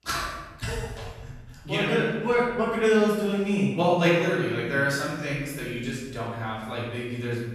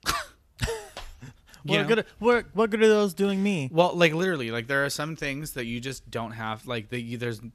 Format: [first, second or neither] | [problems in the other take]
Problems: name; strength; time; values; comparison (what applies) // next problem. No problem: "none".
second | off-mic speech; far // room echo; strong; dies away in 1.2 s